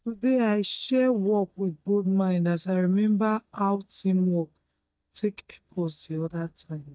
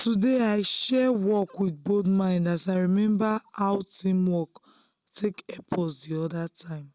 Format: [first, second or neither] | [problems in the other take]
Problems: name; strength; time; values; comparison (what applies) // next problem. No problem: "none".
second | noise reduction (neural mask model DeepFilterNet 3)